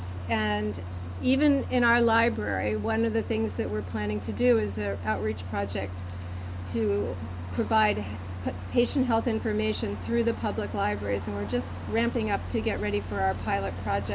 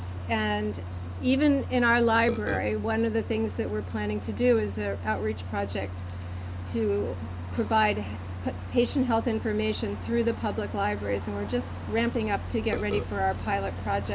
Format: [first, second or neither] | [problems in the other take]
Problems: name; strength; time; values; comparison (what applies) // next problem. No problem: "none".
first | background sound (Burping, eructation); 6 dB below the speech